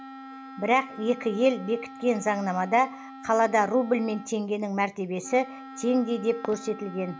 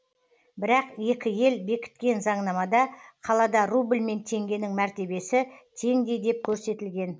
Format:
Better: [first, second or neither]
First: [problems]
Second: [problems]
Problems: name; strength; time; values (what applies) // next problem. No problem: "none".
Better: second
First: background sound (Wind instrument, woodwind instrument); 16 dB below the speech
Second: none